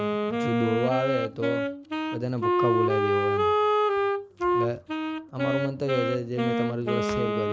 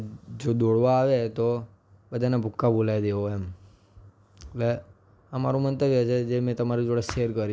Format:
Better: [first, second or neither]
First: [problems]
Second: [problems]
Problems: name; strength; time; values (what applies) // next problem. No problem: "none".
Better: second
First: background sound (Wind instrument, woodwind instrument); 4 dB above the speech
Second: none